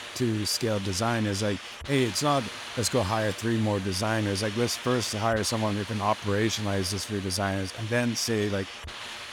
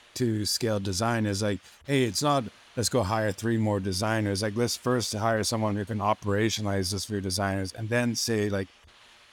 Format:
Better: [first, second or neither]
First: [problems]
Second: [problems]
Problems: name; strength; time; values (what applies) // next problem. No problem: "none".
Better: second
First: hiss; loud; throughout; 10 dB below the speech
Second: hiss; faint; throughout; 25 dB below the speech